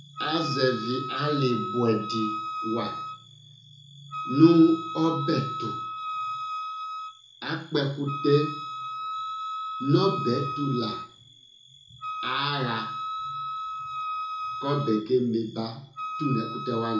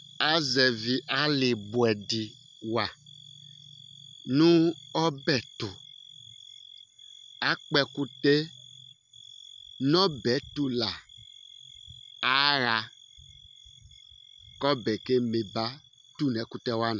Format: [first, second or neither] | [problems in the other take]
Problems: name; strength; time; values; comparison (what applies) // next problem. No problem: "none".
second | background sound (Wind instrument, woodwind instrument); 7 dB below the speech // room echo; dies away in 0.6 s